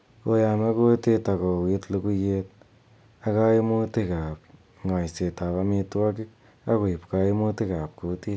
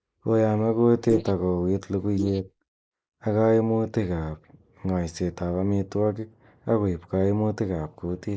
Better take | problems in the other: first | noise reduction (neural mask model Resemble Enhance denoiser)

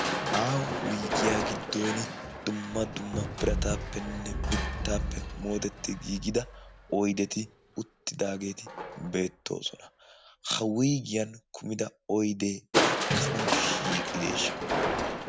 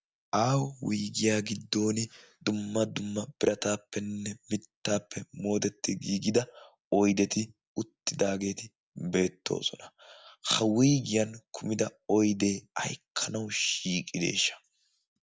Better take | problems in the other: second | background sound (Crushing); 1 dB below the speech

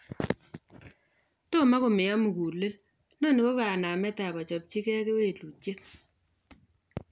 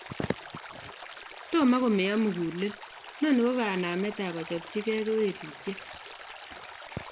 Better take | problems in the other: first | background sound (Stream); 15 dB below the speech

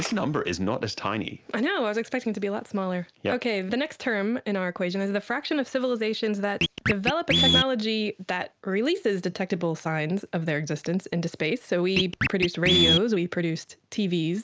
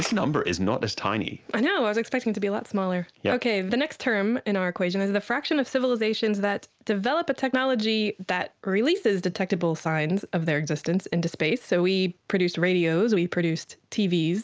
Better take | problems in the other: second | background sound (Scratching (performance technique)); 1 dB below the speech

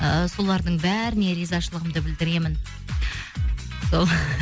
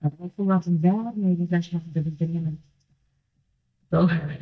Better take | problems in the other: first | noise reduction (neural mask model DeepFilterNet 3)

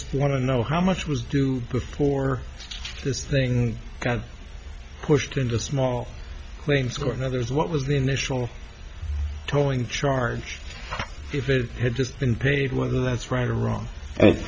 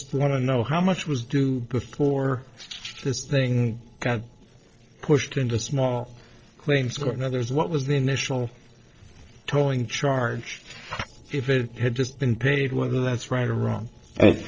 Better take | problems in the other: first | noise reduction (neural separator model SepFormer DNS4)

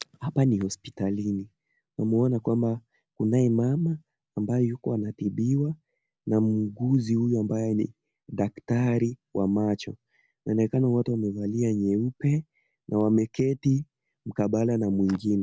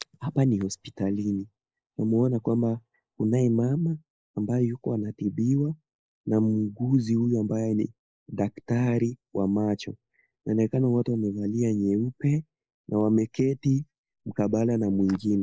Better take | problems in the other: first | noise reduction (neural mask model Resemble Enhance denoiser)

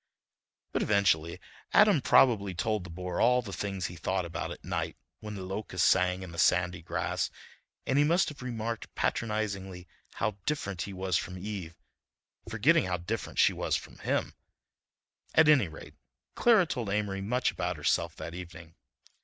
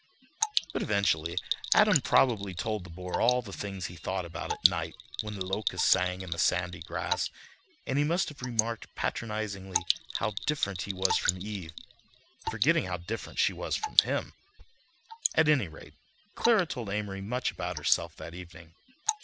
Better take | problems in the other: first | background sound (Bell + Drip / Water); 4 dB below the speech

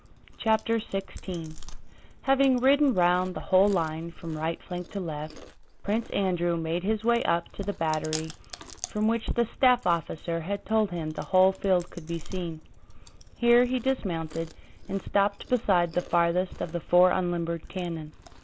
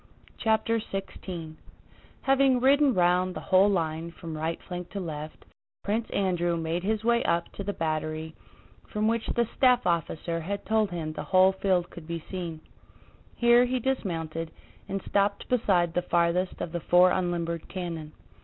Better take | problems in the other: second | background sound (Chewing, mastication); 16 dB below the speech

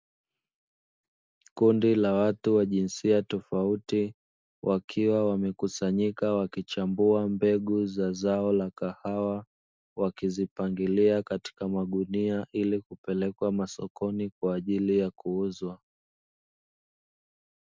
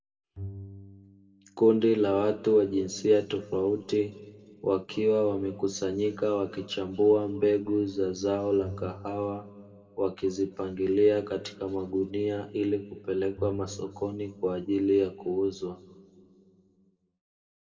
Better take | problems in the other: first | background sound (Bowed string instrument); 19 dB below the speech // room echo; dies away in 1.9 s

